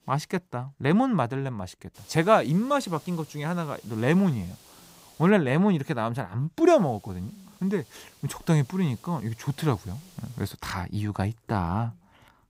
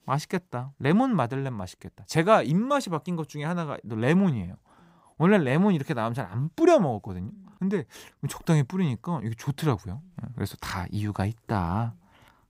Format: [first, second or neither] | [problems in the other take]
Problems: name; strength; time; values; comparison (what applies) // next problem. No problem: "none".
second | hiss; faint; from 2 to 5.5 s and from 6.5 to 11 s; 25 dB below the speech